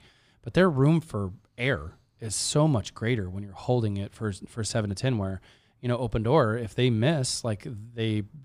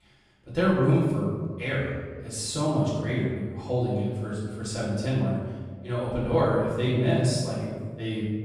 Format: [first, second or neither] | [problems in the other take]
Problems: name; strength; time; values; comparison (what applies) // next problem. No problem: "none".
first | room echo; noticeable; dies away in 1.3 s // off-mic speech; far